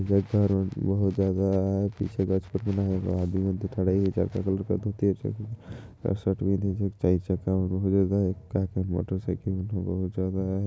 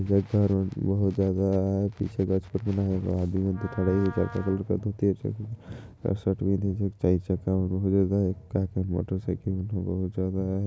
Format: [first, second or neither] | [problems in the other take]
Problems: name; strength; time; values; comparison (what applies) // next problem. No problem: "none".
first | background sound (Wind instrument, woodwind instrument); 19 dB below the speech